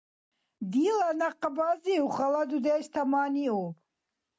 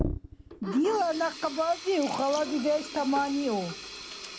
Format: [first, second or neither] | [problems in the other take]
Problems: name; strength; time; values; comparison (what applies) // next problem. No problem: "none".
first | background sound (Sink (filling or washing)); 9 dB below the speech